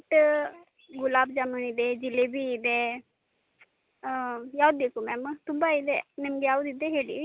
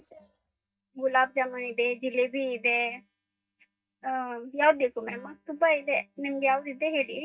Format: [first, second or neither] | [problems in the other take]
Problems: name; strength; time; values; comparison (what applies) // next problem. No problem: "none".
first | noise reduction (neural mask model DeepFilterNet 3)